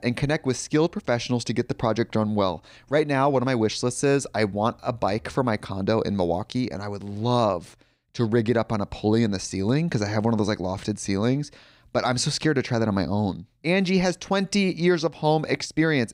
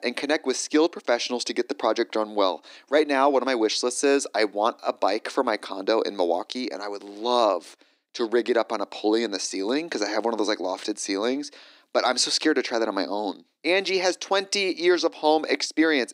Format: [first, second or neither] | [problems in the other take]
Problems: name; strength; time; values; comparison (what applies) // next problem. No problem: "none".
first | thin; somewhat; fading below 300 Hz